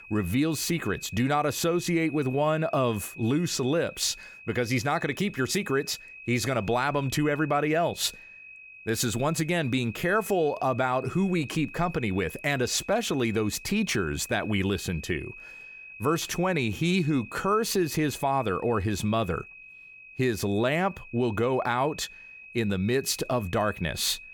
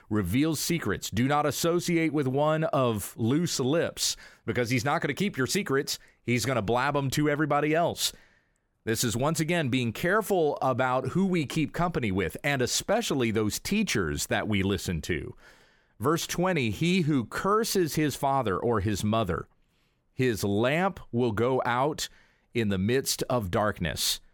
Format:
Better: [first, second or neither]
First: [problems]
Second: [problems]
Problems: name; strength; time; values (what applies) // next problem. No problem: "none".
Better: second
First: high-pitched whine; noticeable; throughout; 2.5 kHz, 15 dB below the speech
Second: none